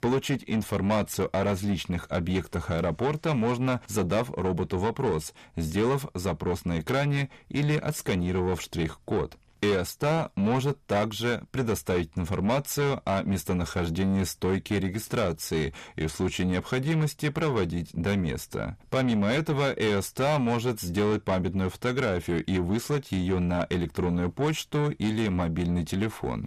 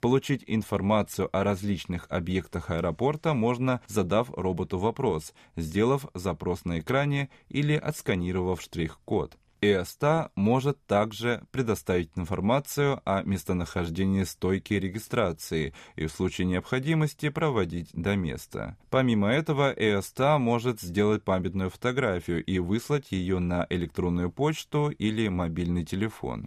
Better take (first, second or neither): second